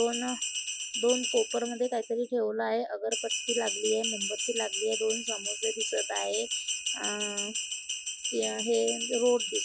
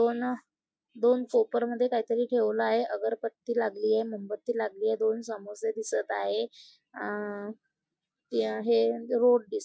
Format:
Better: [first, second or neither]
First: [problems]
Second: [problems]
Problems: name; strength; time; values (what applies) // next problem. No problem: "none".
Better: second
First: background sound (Bell); 2 dB below the speech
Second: none